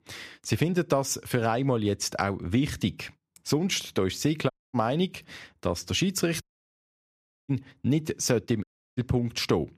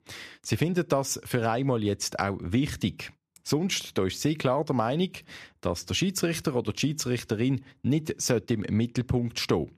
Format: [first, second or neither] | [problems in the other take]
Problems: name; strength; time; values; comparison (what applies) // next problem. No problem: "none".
second | audio cutting out; at 4.5 s, at 6.5 s for 1 s and at 8.5 s